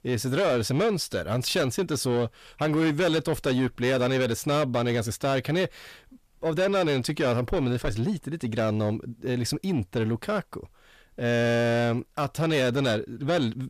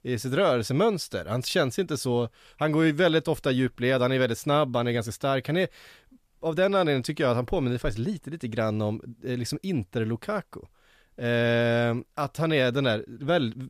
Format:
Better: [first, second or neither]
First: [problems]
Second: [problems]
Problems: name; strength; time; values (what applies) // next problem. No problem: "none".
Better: second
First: distortion; slight; 10 dB below the speech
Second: none